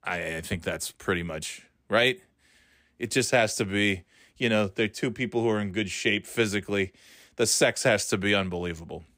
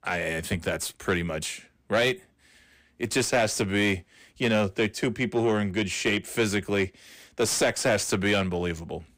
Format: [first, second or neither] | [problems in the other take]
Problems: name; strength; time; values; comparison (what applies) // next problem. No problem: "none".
first | distortion; slight; 10 dB below the speech